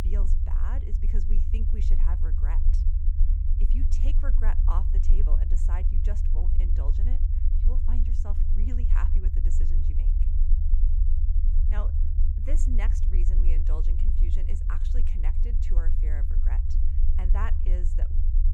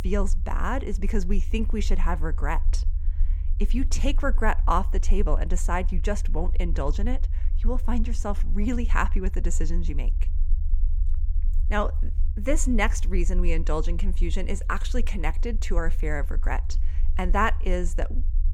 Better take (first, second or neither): second